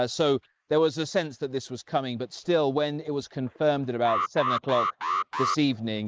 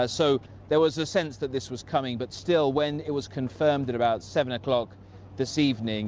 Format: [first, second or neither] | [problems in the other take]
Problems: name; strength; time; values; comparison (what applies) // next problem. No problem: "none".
second | noise reduction (neural mask model Resemble Enhance denoiser)